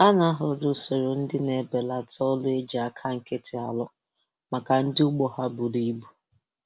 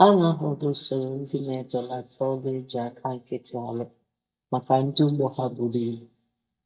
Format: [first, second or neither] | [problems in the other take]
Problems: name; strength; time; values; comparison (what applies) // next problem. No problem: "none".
first | noise reduction (neural mask model DeepFilterNet 3)